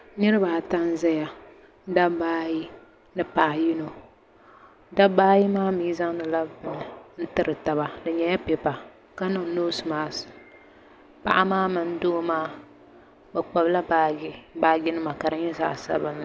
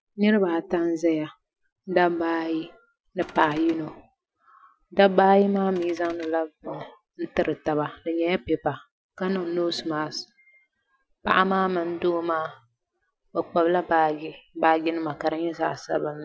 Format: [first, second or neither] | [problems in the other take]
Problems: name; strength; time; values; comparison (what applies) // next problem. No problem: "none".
first | noise reduction (classical method Wiener filter)